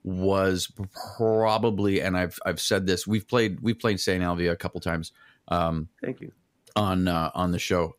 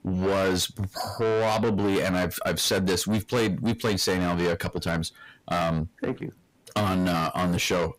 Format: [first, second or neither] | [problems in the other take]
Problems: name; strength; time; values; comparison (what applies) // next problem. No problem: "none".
first | distortion; heavy; 6 dB below the speech